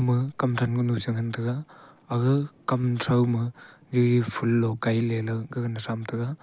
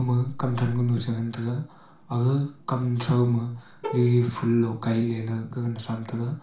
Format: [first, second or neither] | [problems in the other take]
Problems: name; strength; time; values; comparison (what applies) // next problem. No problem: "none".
first | background sound (Bowed string instrument); 12 dB below the speech // room echo; dies away in 0.4 s